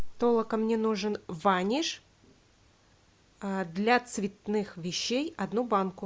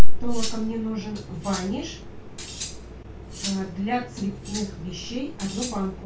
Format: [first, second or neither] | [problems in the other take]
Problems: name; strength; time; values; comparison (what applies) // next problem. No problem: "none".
first | background sound (Cutlery, silverware); 18 dB below the speech // room echo; dies away in 0.2 s